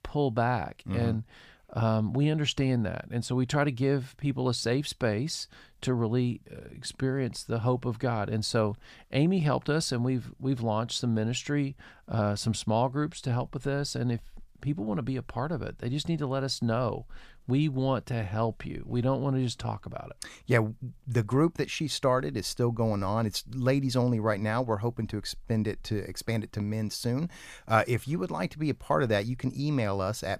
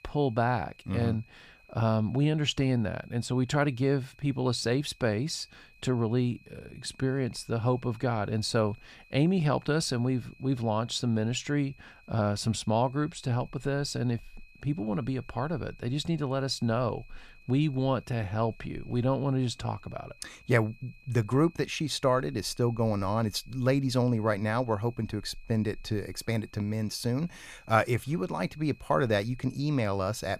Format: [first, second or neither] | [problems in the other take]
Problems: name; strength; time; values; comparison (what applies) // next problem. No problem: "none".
first | high-pitched whine; faint; throughout; 2.5 kHz, 30 dB below the speech